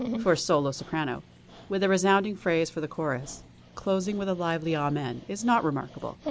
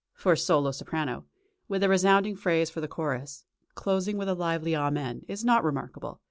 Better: second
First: background sound (Dog); 14 dB below the speech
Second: none

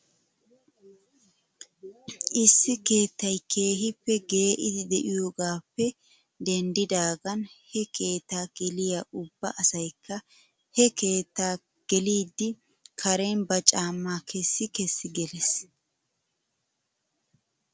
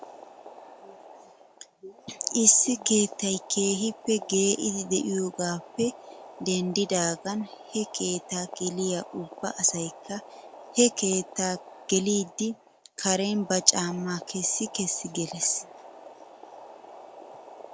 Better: first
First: none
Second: background sound (Boiling); 18 dB below the speech

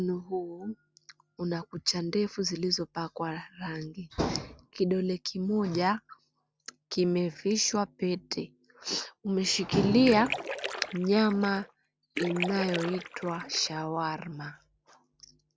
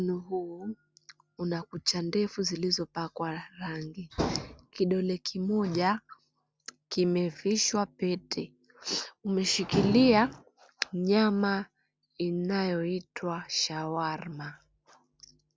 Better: second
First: background sound (Splash, splatter); 8 dB below the speech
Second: none

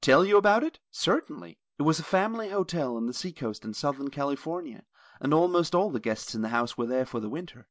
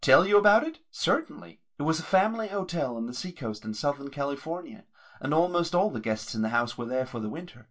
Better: first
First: none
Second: room echo; dies away in 0.2 s

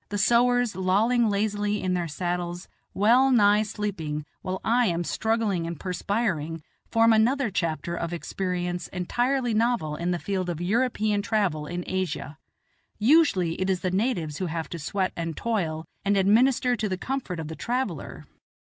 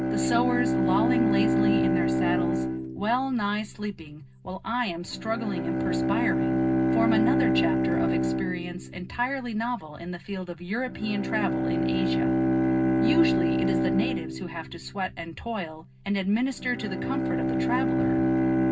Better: first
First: none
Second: background sound (Bowed string instrument); 4 dB above the speech // room echo; dies away in 0.2 s

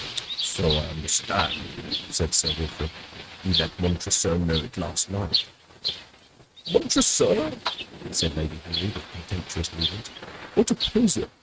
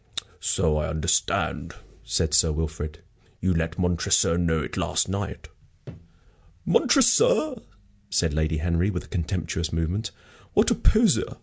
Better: second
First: noise reduction (neural mask model RNNoise)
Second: none

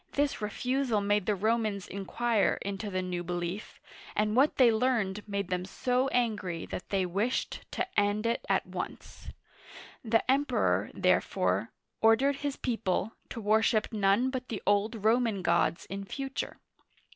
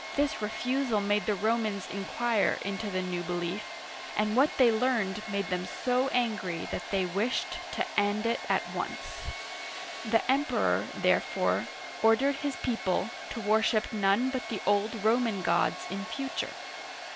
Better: first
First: none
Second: background sound (Domestic sounds, home sounds); 10 dB below the speech

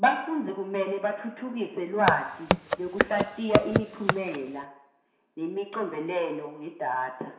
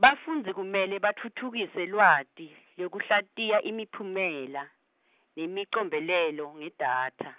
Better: second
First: background sound (Walk, footsteps); 1 dB above the speech // room echo; dies away in 0.7 s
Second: none

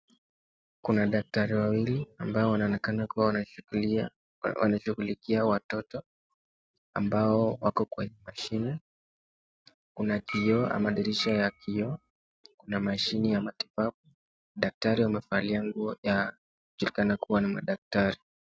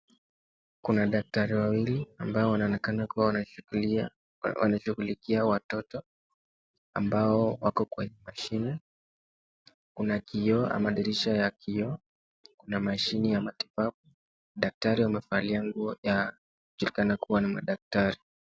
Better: second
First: noise reduction (neural mask model RNNoise)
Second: none

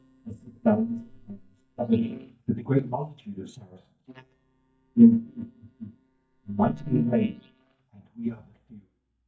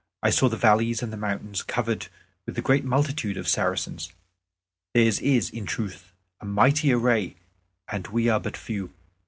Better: second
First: noise reduction (neural mask model DeepFilterNet 3)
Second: none

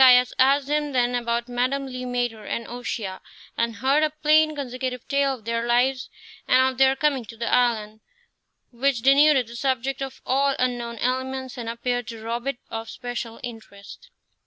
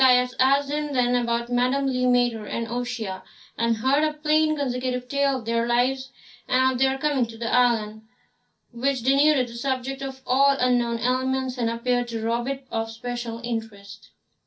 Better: first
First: none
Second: room echo; dies away in 0.3 s

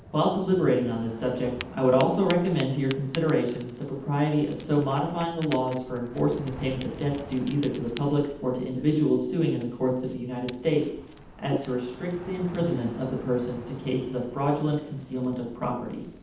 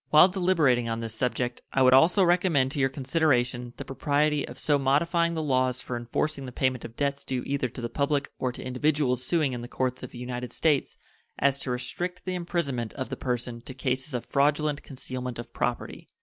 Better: second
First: background sound (Ocean); 16 dB below the speech // room echo; dies away in 0.8 s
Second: none

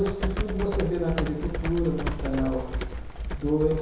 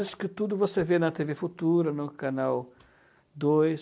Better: second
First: background sound (Computer keyboard); 2 dB below the speech // room echo; dies away in 1 s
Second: none

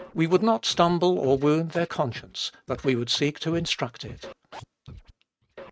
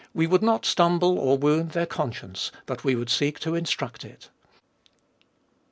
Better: second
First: noise reduction (neural mask model RNNoise)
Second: none

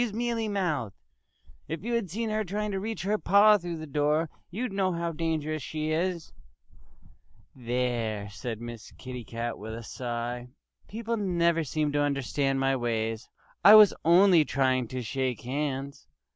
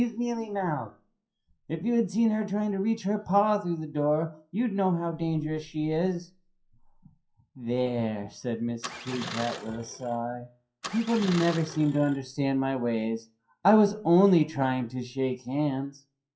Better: first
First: none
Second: noise reduction (classical method WPE with log-MMSE)

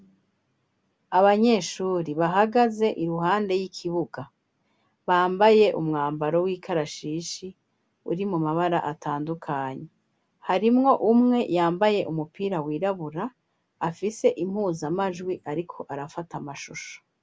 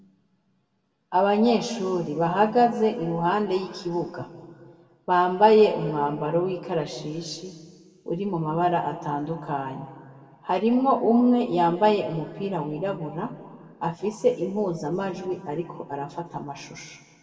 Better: first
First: none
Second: room echo; dies away in 1.6 s

